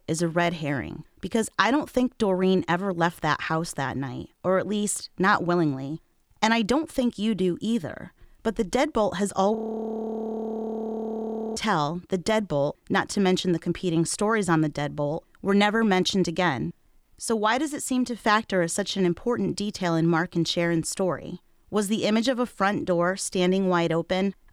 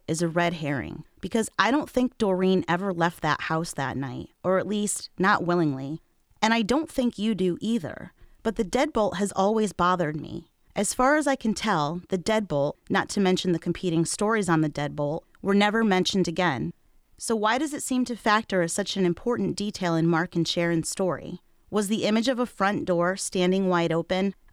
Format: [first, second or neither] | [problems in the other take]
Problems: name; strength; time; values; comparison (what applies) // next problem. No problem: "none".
second | audio freezing; at 9.5 s for 2 s